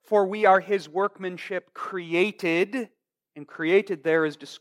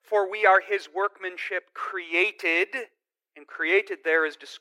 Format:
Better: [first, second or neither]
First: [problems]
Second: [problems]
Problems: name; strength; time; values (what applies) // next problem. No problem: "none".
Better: first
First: none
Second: thin; very; fading below 350 Hz